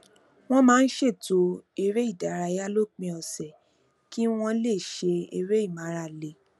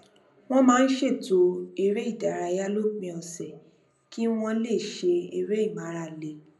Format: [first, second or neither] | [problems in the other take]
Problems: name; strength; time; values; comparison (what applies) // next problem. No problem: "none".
first | room echo; dies away in 0.4 s